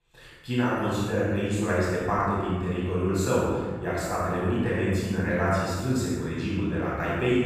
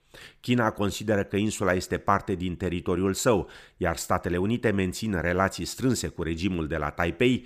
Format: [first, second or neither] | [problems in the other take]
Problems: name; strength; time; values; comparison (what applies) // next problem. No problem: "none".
second | off-mic speech; far // room echo; strong; dies away in 1.5 s